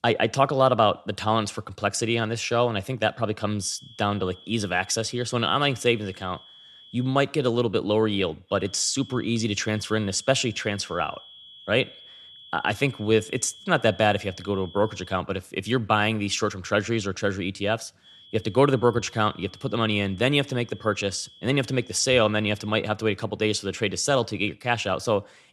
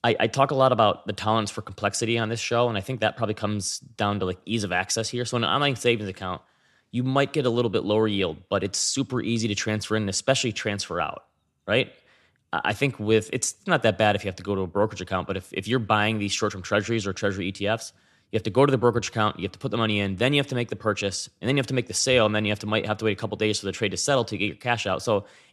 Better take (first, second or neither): second